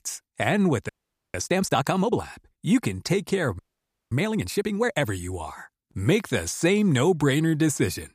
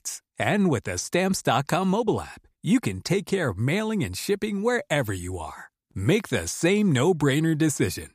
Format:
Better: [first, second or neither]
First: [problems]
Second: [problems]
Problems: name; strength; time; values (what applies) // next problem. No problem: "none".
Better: second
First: audio freezing; at 1 s and at 3.5 s for 0.5 s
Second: none